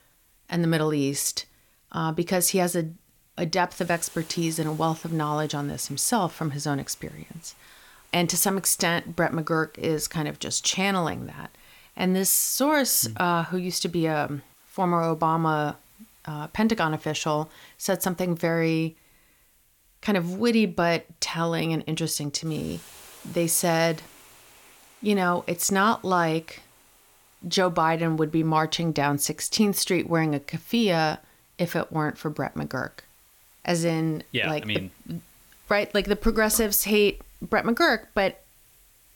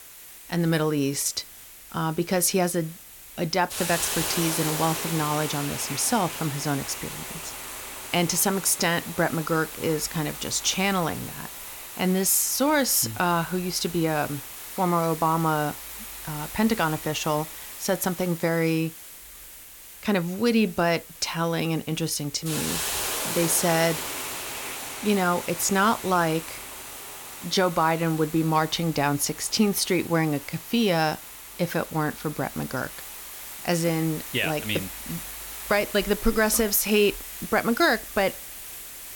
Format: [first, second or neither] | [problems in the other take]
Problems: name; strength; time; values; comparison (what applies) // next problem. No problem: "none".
first | hiss; loud; throughout; 9 dB below the speech; faint in the first